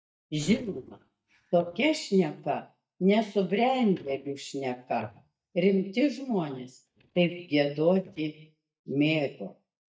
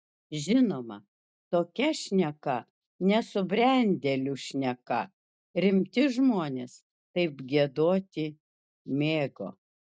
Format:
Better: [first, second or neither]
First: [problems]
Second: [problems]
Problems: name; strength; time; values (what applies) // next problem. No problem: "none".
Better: second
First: noise reduction (neural mask model DeepFilterNet 3)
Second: none